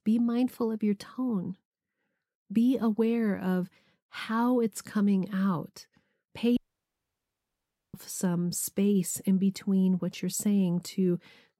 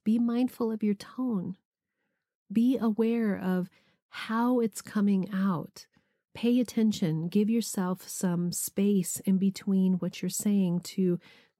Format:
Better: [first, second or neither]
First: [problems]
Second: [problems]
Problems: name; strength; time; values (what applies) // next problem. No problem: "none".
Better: second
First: audio cutting out; at 6.5 s for 1.5 s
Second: none